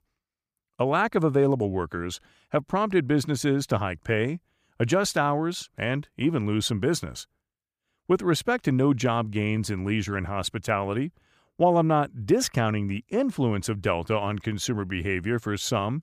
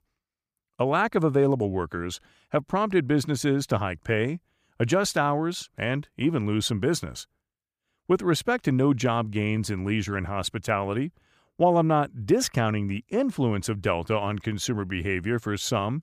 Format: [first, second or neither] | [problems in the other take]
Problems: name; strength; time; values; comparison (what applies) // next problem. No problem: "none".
neither | none